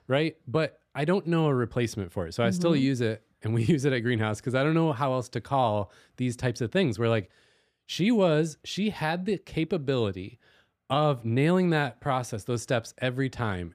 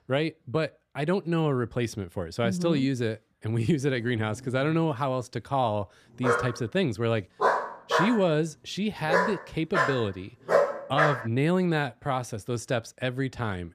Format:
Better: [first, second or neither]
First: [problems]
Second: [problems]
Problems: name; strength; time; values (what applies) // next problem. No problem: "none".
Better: first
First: none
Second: dog barking; loud; from 6 to 11 s; peak 4 dB above the speech